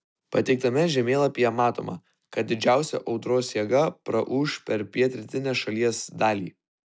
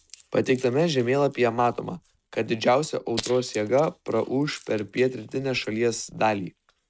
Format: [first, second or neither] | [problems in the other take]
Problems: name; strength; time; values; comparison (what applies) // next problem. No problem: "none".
first | noise reduction (neural mask model RNNoise)